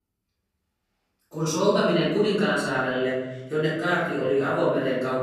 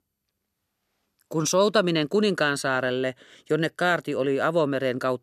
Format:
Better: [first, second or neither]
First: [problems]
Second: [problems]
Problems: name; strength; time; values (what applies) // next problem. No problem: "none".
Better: second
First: off-mic speech; far // room echo; noticeable; dies away in 1.1 s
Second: none